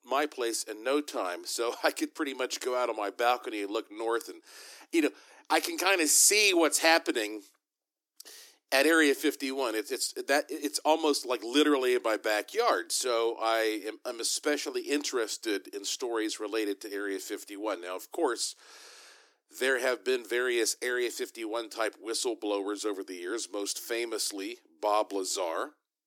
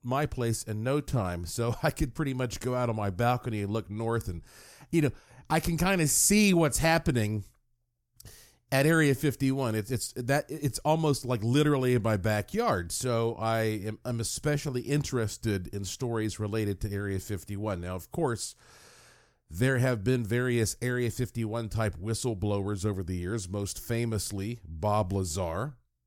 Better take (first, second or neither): second